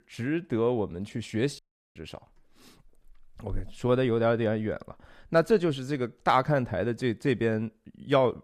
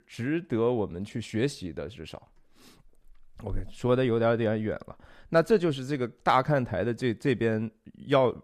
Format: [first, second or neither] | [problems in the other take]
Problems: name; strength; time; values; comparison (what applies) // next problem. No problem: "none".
second | audio cutting out; at 1.5 s